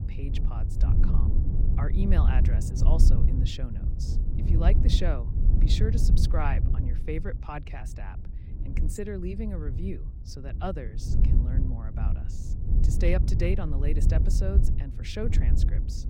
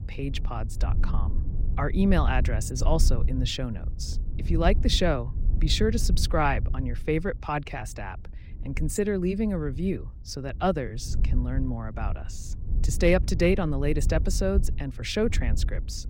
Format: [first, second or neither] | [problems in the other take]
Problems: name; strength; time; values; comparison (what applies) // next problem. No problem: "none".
second | wind noise on the microphone; heavy; 5 dB below the speech; occasional gusts in the second